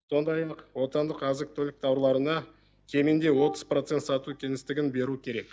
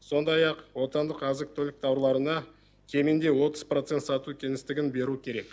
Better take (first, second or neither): second